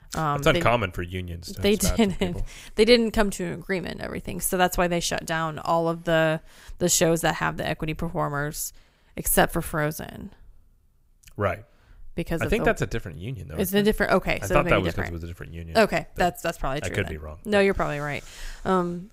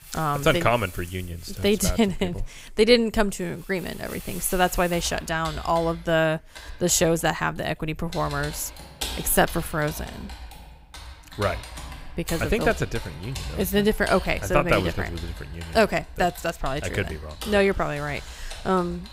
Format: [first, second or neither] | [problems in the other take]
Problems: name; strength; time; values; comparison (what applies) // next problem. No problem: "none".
first | household noises; noticeable; throughout; 15 dB below the speech